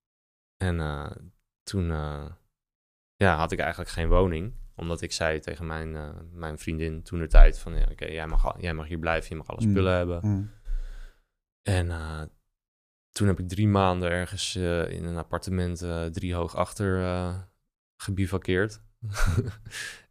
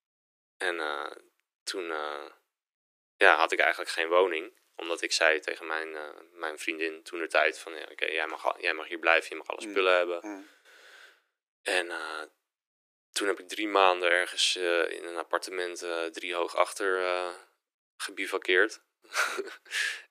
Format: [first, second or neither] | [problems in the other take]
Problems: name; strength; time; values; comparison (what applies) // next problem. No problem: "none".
first | thin; very; fading below 350 Hz